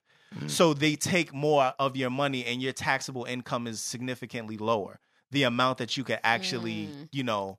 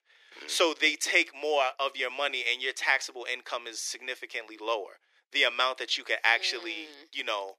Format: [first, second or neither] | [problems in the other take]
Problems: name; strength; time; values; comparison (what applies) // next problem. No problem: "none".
first | thin; very; fading below 350 Hz